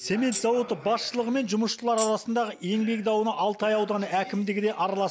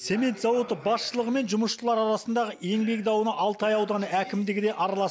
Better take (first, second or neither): second